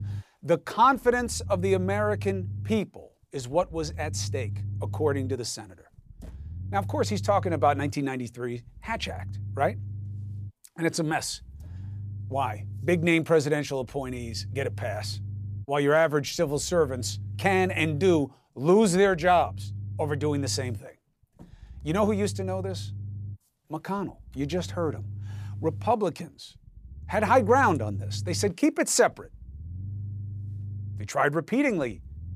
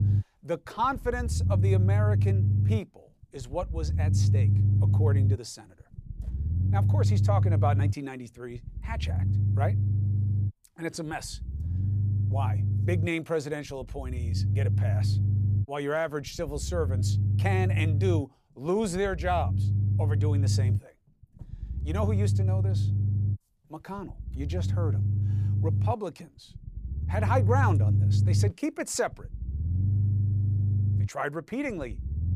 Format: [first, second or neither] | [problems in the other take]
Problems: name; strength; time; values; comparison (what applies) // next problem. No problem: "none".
first | low rumble; loud; throughout; 7 dB below the speech; faint in the first